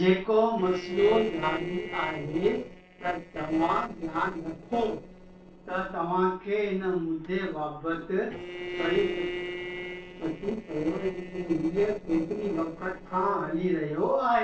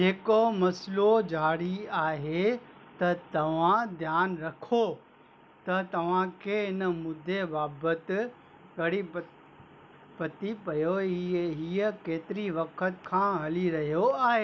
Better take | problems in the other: second | noise reduction (neural separator model SepFormer DNS4)

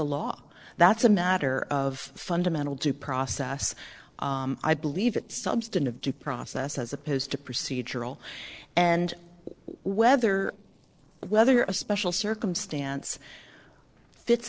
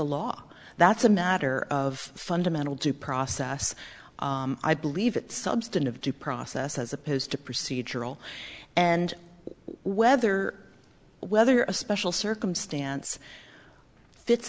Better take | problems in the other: second | noise reduction (neural separator model SepFormer DNS4)

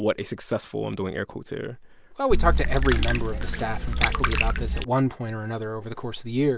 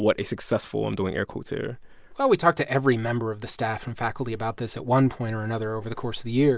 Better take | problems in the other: second | background sound (Water / Liquid); 5 dB above the speech

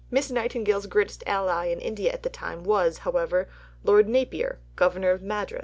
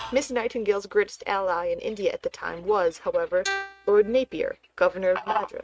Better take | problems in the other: first | noise reduction (neural mask model RNNoise)

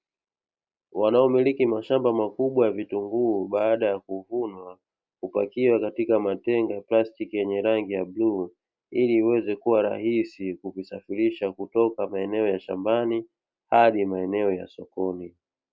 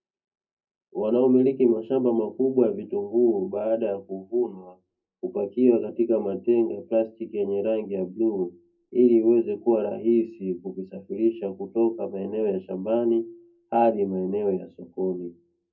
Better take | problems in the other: first | room echo; dies away in 0.3 s

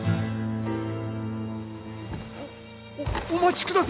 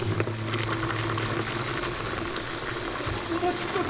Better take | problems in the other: first | background sound (Fill (with liquid) / Water tap, faucet); 2 dB above the speech // room echo; dies away in 0.5 s

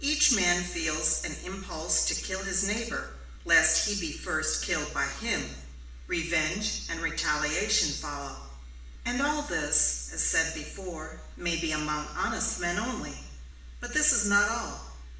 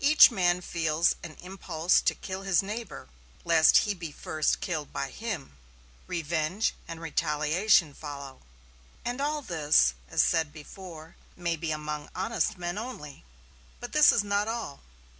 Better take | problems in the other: second | room echo; dies away in 0.8 s

